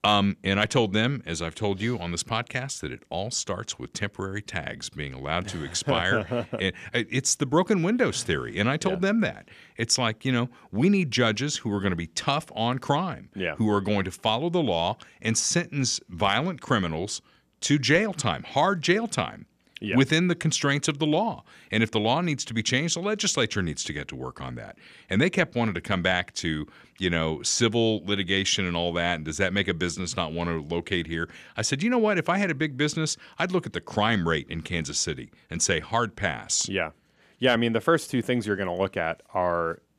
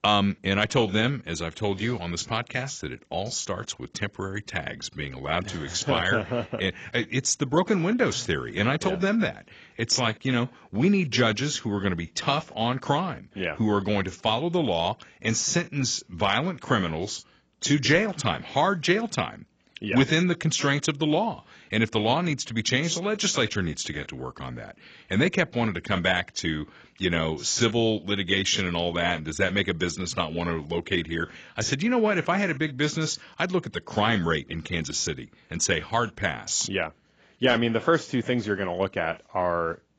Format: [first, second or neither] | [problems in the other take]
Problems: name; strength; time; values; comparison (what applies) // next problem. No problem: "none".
first | garbled, watery; badly; nothing above 7.5 kHz